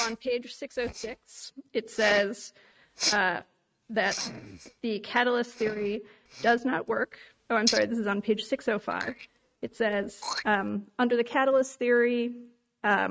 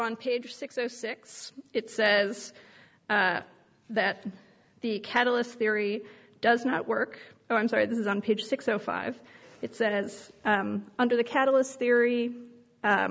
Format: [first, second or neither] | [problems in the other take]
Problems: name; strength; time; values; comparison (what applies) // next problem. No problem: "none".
second | noise reduction (neural mask model RNNoise)